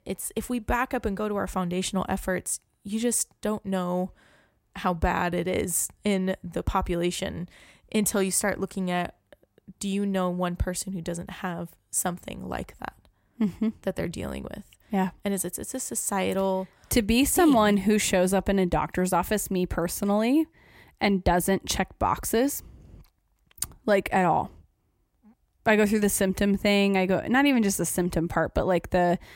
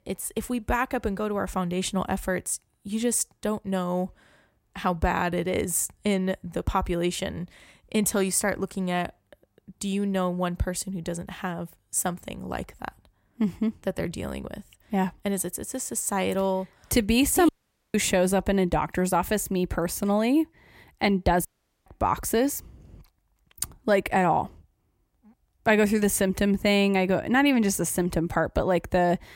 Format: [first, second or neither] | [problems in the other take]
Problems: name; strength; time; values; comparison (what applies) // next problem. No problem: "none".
first | audio cutting out; at 17 s and at 21 s